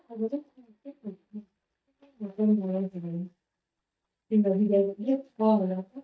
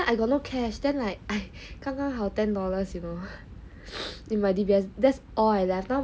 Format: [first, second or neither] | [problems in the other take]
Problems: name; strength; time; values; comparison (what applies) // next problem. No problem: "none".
second | noise reduction (neural mask model DeepFilterNet 3)